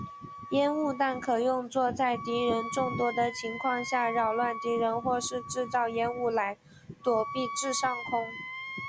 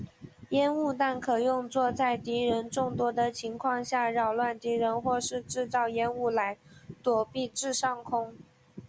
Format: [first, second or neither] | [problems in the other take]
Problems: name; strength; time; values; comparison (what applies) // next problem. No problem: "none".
second | background sound (Wind instrument, woodwind instrument); 10 dB below the speech